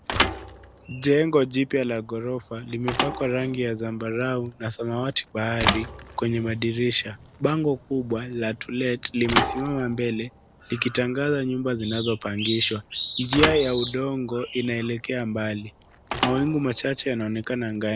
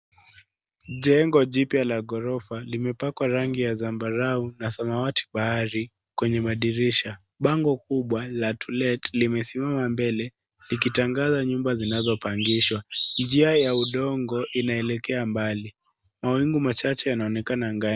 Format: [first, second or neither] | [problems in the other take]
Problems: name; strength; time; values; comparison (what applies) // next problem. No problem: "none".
second | background sound (Thump, thud / Bicycle); 7 dB below the speech